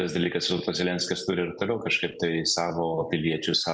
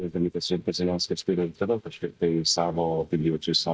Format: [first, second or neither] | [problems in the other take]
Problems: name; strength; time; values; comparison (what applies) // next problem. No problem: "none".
first | noise reduction (neural mask model DeepFilterNet 3)